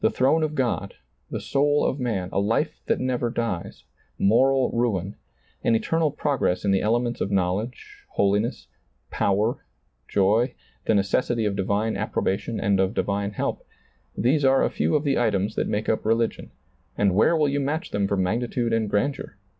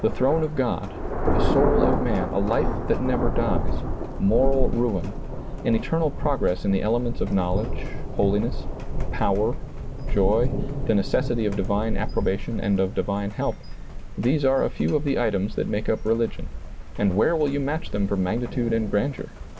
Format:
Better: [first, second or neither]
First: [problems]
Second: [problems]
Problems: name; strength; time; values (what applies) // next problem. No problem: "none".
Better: first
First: none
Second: background sound (Thunder); 2 dB below the speech